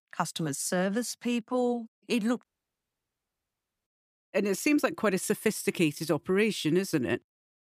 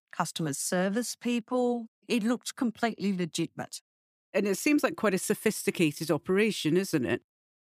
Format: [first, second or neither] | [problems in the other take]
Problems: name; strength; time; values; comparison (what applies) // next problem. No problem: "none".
second | audio cutting out; at 2.5 s for 1.5 s